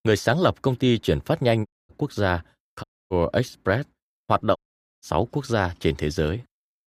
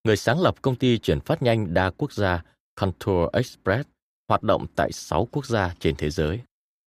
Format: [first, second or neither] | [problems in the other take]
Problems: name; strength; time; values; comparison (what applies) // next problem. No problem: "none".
second | audio cutting out; at 1.5 s, at 3 s and at 4.5 s